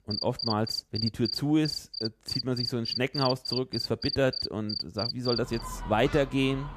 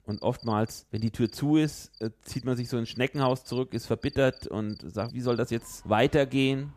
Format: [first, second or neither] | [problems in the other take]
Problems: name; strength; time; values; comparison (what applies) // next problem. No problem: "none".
second | animal sounds; loud; throughout; 3 dB below the speech; faint in the second